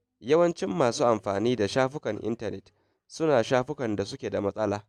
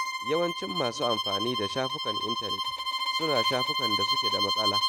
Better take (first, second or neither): first